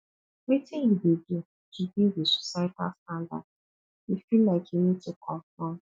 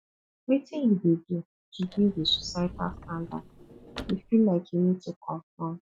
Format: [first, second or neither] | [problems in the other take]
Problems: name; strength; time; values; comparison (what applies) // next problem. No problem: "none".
first | background sound (Sliding door / Slam / Wood); 16 dB below the speech